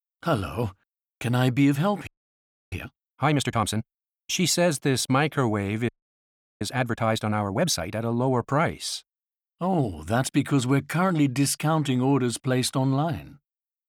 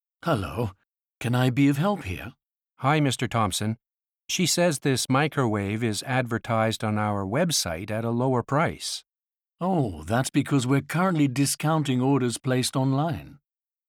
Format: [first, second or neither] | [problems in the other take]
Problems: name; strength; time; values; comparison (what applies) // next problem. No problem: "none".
second | audio freezing; at 2 s for 0.5 s and at 6 s for 0.5 s